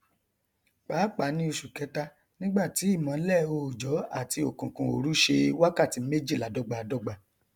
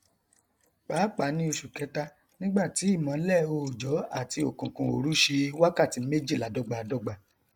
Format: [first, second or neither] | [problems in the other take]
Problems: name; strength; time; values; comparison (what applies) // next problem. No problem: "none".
first | noise reduction (neural mask model Resemble Enhance denoiser)